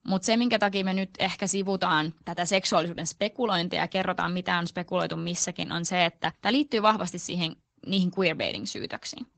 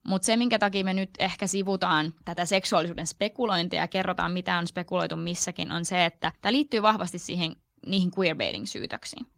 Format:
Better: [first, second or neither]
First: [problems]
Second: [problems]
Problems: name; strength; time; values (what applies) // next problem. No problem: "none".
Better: second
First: garbled, watery; badly; nothing above 8 kHz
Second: garbled, watery; slightly; nothing above 16 kHz